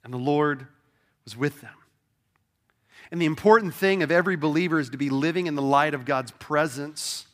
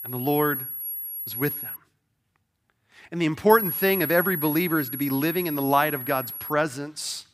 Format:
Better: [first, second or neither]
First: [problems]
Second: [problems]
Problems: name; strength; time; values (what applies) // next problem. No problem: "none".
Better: first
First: none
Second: high-pitched whine; loud; until 2 s and from 3.5 to 6.5 s; 11.5 kHz, 5 dB below the speech